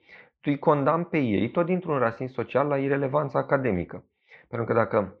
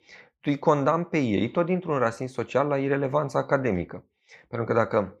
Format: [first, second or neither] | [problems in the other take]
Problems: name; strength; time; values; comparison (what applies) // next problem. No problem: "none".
second | muffled; slightly; fading above 3.5 kHz